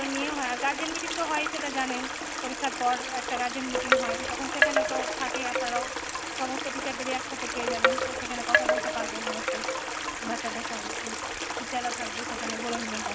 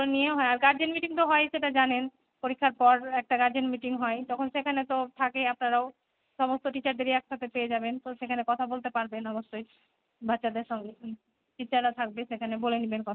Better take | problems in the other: second | background sound (Wind chime + Stream); 4 dB above the speech

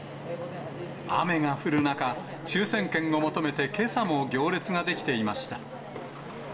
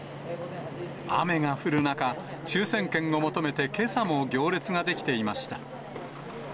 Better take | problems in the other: second | room echo; dies away in 0.7 s

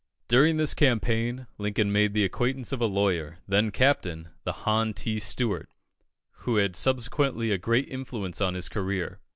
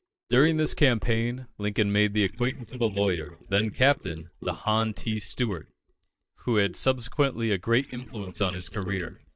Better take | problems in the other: first | noise reduction (neural mask model DeepFilterNet 3)

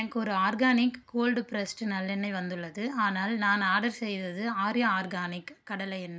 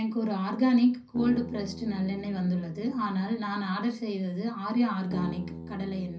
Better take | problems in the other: first | background sound (Bass guitar); 14 dB below the speech // room echo; dies away in 0.5 s

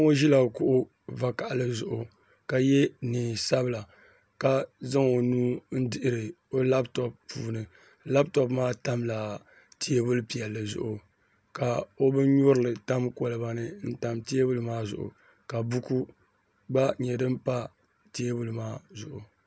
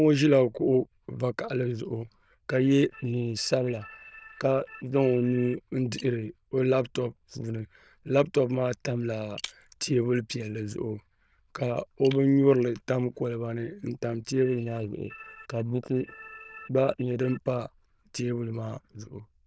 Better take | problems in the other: first | noise reduction (neural diffusion model UNIVERSE++)

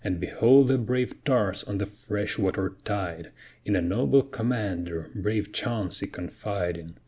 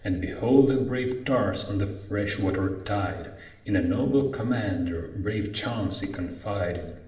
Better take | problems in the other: first | room echo; dies away in 0.9 s

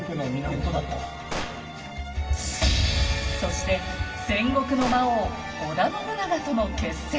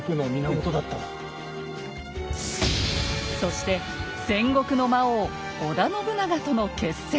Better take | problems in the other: second | background sound (Gunshot, gunfire); 12 dB below the speech // room echo; dies away in 2.5 s

